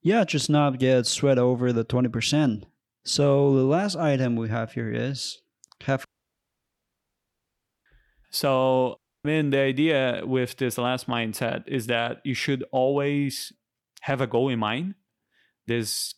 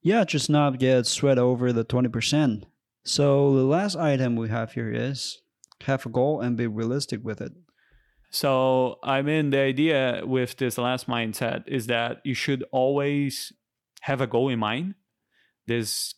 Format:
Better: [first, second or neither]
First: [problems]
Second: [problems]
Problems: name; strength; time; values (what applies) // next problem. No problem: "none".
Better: second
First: audio cutting out; at 6 s for 2 s and at 9 s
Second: none